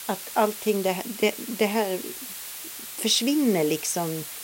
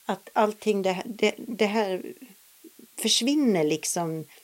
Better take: second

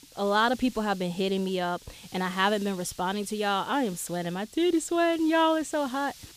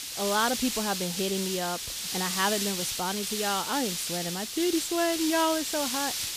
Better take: first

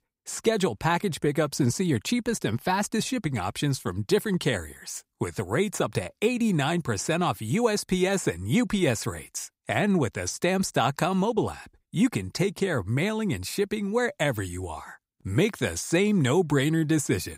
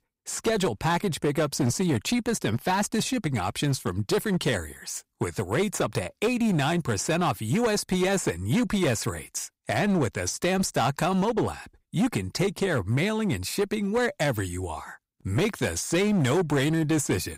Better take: first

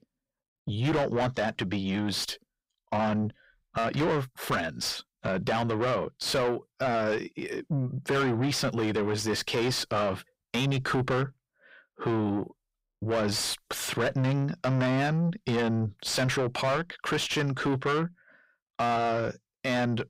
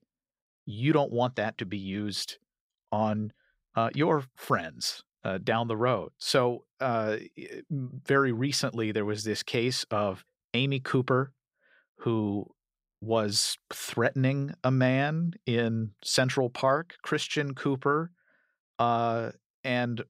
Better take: second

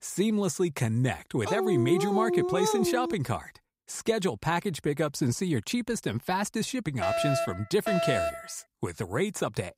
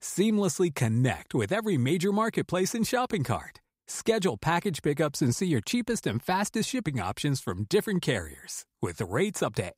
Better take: second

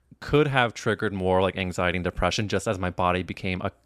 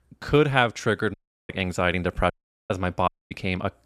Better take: first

